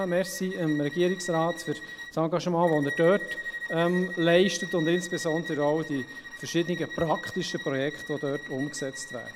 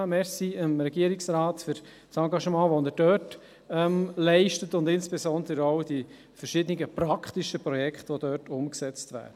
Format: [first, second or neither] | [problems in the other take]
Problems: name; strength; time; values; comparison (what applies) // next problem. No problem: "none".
second | background sound (Bowed string instrument); 11 dB below the speech